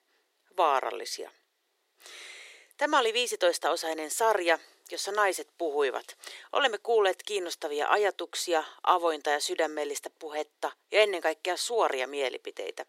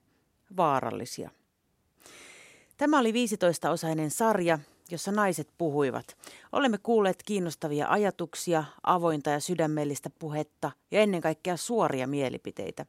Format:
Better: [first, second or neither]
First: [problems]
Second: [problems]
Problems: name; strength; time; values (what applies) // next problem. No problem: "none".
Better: second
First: thin; very; fading below 350 Hz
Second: none